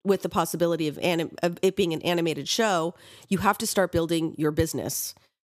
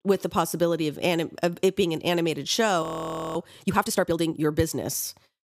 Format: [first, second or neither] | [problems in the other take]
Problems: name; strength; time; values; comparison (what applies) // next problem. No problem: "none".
first | audio freezing; at 3 s for 0.5 s